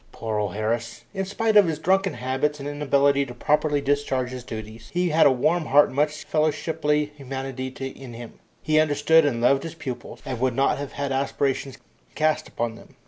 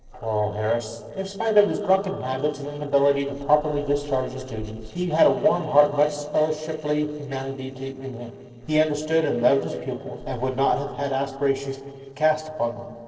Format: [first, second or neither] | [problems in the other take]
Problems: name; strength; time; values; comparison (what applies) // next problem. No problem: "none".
first | noise reduction (neural separator model SepFormer DNS4)